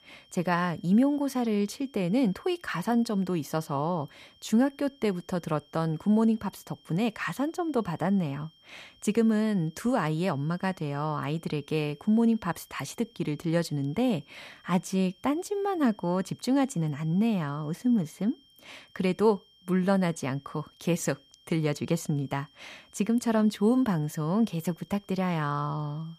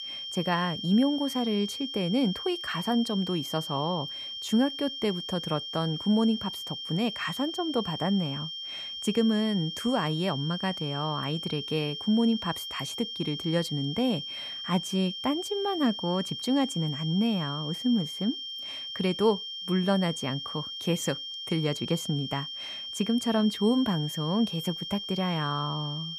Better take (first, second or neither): first